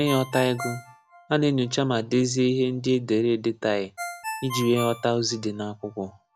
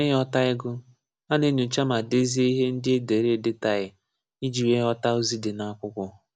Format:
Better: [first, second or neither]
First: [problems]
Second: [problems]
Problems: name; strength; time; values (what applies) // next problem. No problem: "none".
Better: second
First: background sound (Ringtone); 14 dB below the speech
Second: none